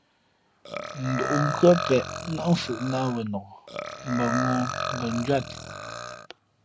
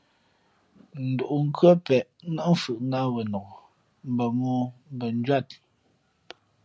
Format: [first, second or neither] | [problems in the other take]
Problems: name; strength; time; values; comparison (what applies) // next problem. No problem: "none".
second | background sound (Burping, eructation); 6 dB below the speech